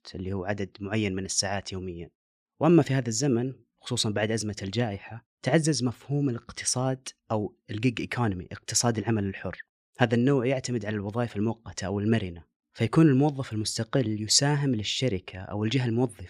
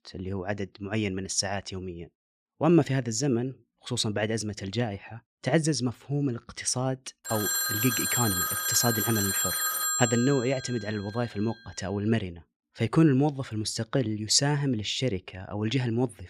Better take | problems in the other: first | phone ringing; loud; from 7.5 to 11 s; peak 3 dB above the speech

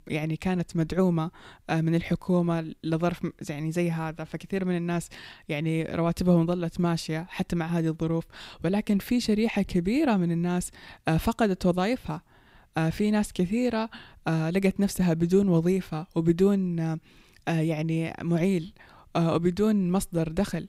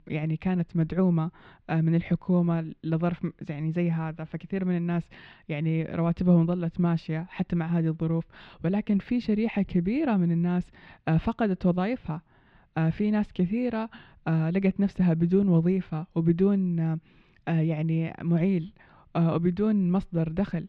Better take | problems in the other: first | muffled; slightly; fading above 3 kHz

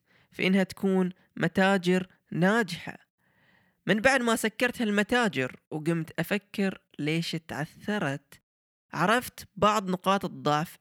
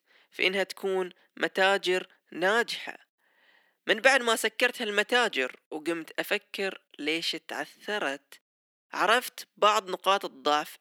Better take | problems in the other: first | thin; somewhat; fading below 300 Hz

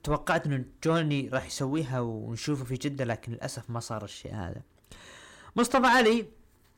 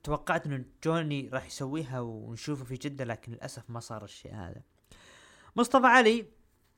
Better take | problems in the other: second | distortion; heavy; 7 dB below the speech

